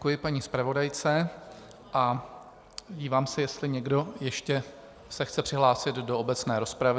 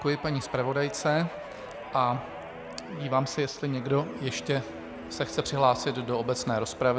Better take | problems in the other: first | background sound (Guitar); 12 dB below the speech

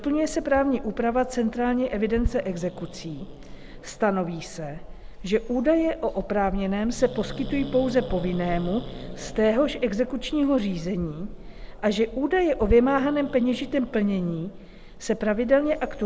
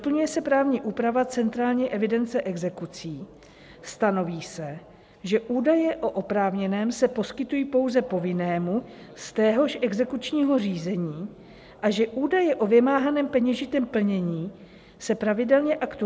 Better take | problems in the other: second | background sound (Growling); 11 dB below the speech

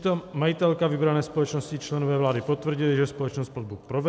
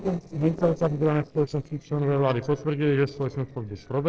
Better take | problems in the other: first | noise reduction (neural separator model SepFormer DNS4)

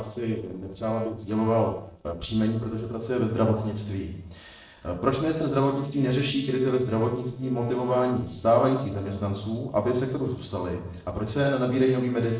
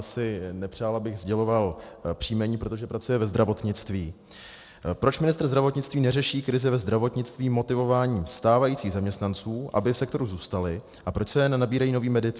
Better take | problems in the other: second | noise reduction (neural separator model SepFormer DNS4)

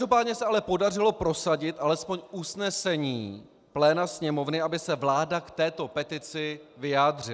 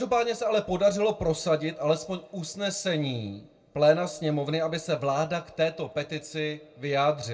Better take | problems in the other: first | room echo; dies away in 0.2 s

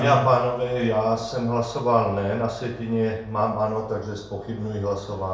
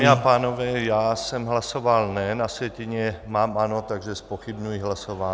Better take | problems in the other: second | room echo; dies away in 0.6 s

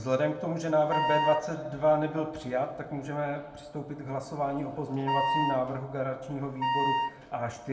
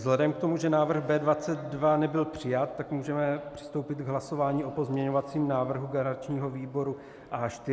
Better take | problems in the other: second | background sound (Wind instrument, woodwind instrument); as loud as the speech // room echo; dies away in 0.5 s

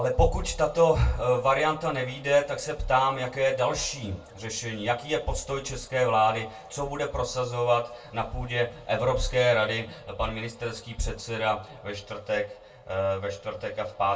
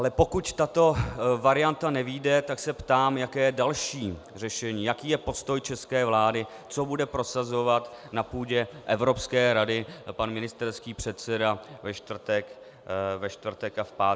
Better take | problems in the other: second | room echo; dies away in 0.2 s

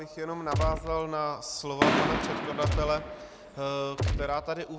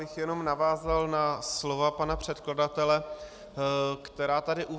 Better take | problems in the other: second | background sound (Gunshot, gunfire + Fireworks); 2 dB above the speech

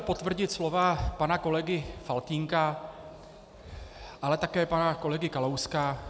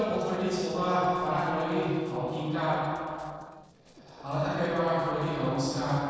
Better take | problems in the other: first | noise reduction (neural separator model SepFormer DNS4)

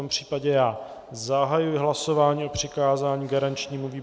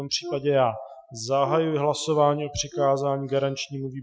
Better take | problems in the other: first | noise reduction (classical method Wiener filter)

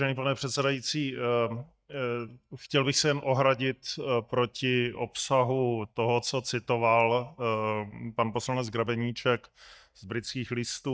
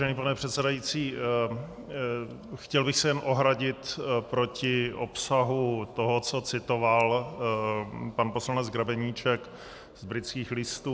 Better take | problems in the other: second | noise reduction (neural mask model DeepFilterNet 3)

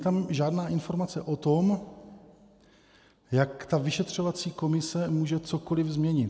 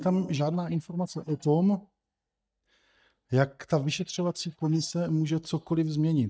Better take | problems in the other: first | noise reduction (neural mask model DeepFilterNet 3)

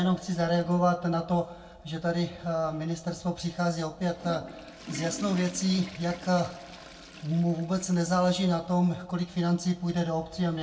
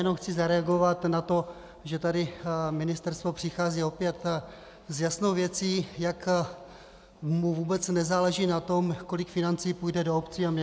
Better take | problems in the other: second | background sound (Toilet flush / Water); 20 dB below the speech // room echo; dies away in 0.2 s

